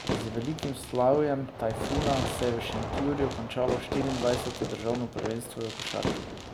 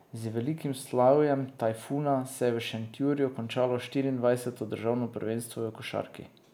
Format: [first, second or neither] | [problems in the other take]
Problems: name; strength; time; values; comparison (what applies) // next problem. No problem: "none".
second | background sound (Fireworks); 3 dB below the speech